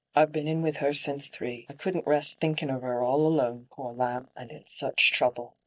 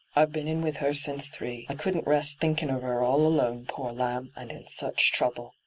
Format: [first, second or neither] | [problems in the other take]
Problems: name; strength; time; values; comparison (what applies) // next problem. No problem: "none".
second | noise reduction (neural mask model DeepFilterNet 3)